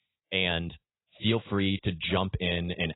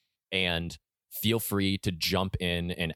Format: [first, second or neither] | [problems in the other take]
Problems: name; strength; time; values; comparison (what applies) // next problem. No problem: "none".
second | garbled, watery; badly; nothing above 4 kHz